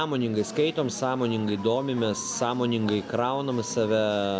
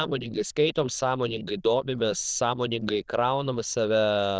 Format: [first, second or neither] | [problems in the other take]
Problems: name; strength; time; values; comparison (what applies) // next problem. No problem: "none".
first | noise reduction (neural diffusion model UNIVERSE++)